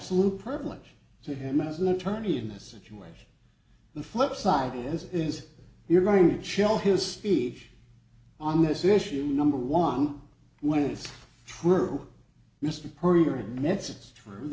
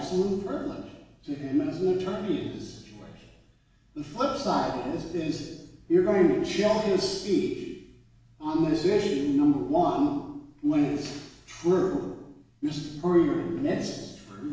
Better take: first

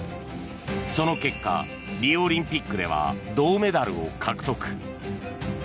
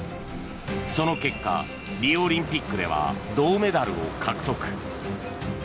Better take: first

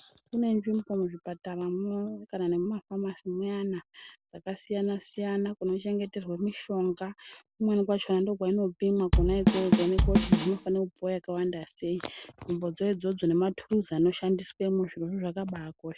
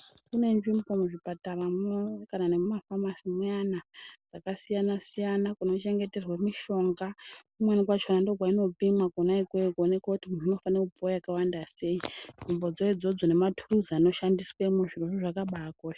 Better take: second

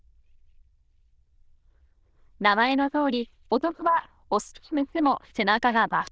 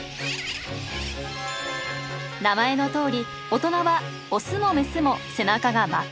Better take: second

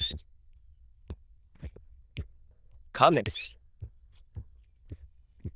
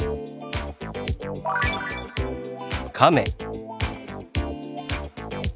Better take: second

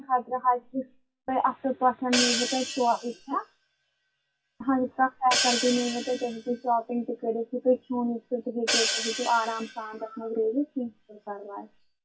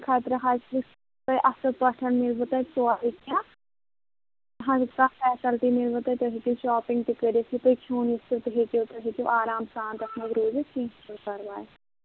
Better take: second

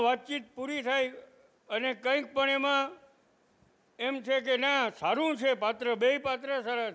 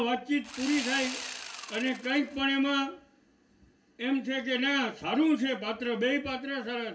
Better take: first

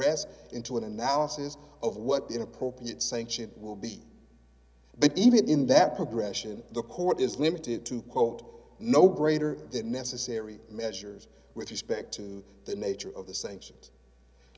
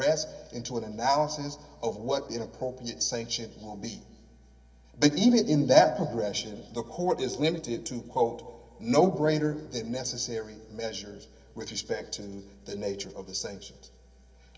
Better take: first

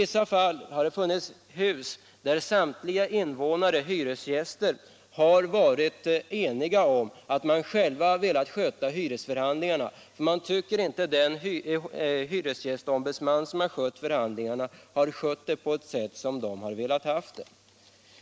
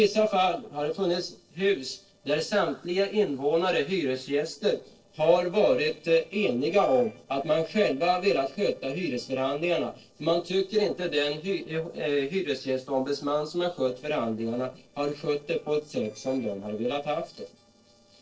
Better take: first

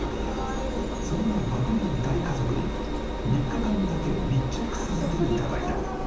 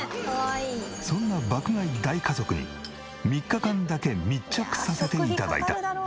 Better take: second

